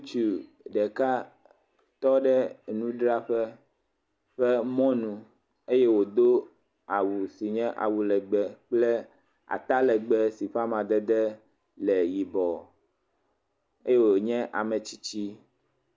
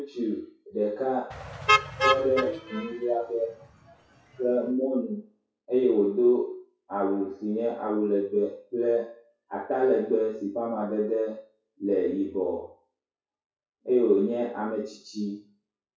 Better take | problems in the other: first | noise reduction (classical method WPE with log-MMSE)

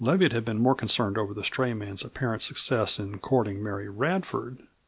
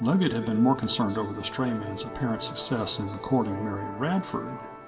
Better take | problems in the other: first | background sound (Musical instrument); 11 dB below the speech // room echo; dies away in 1.9 s

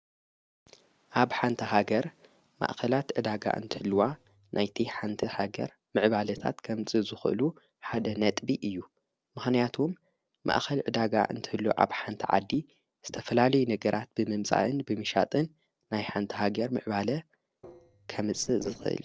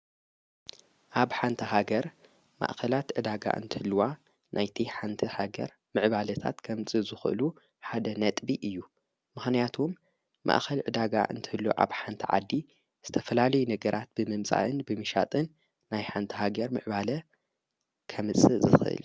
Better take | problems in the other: second | noise reduction (neural separator model SepFormer DNS4)

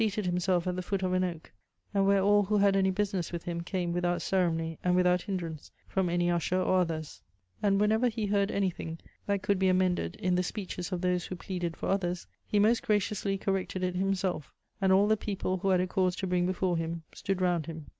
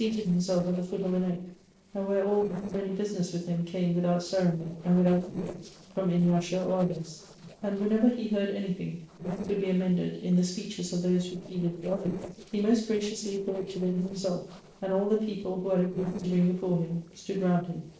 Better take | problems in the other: first | noise reduction (neural separator model SepFormer DNS4)

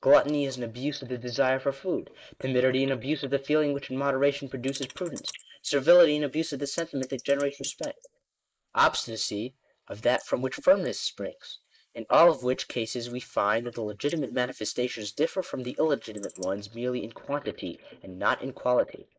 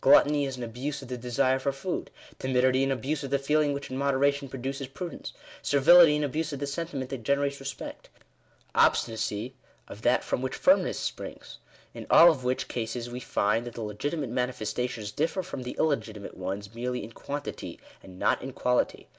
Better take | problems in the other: second | noise reduction (neural mask model Resemble Enhance denoiser)

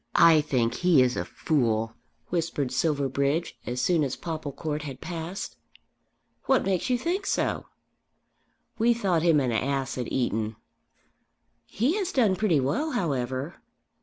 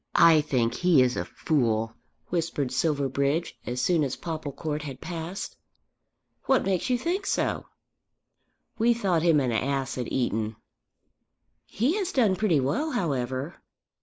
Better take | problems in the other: first | noise reduction (neural mask model Resemble Enhance denoiser)

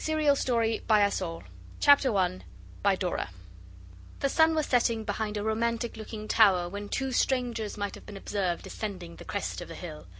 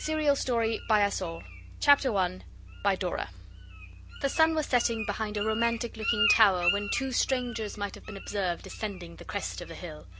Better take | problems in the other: first | background sound (Bird); 9 dB below the speech

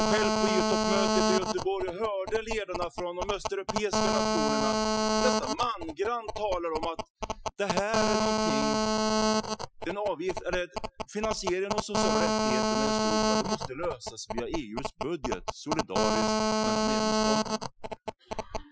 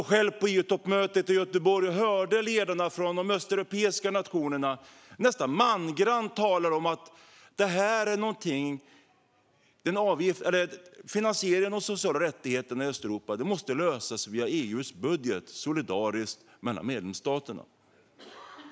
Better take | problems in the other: second | noise reduction (classical method Wiener filter)

